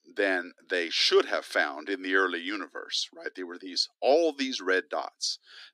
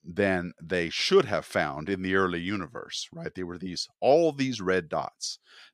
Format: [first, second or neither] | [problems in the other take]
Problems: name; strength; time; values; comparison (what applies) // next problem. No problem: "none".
second | thin; very slightly; fading below 250 Hz